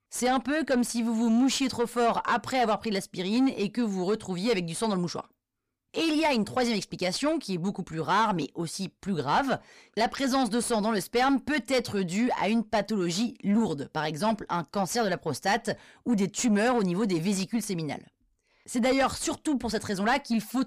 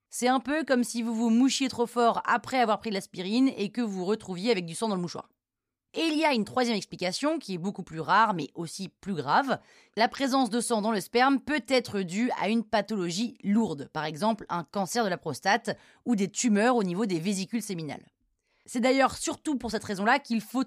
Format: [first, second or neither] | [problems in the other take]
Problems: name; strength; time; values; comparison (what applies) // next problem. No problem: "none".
second | distortion; slight; 10 dB below the speech